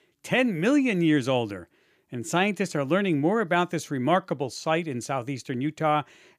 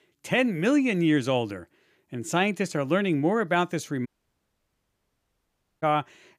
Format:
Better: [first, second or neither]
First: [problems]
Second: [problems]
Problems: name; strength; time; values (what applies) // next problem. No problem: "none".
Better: first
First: none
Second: audio cutting out; at 4 s for 2 s